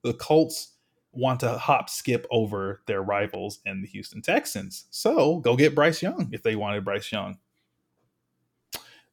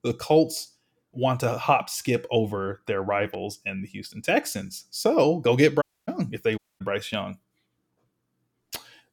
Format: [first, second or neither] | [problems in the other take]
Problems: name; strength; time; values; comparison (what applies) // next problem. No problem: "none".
first | audio cutting out; at 6 s and at 6.5 s